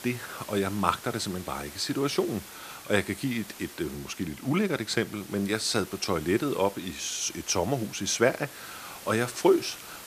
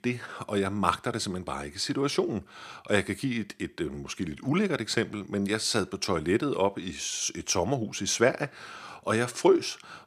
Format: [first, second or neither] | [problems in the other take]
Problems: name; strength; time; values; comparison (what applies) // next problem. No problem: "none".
second | hiss; noticeable; throughout; 15 dB below the speech